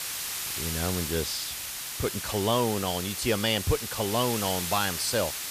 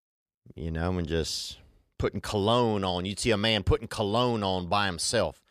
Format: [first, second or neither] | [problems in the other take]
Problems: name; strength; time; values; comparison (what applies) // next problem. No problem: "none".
second | hiss; loud; throughout; 3 dB below the speech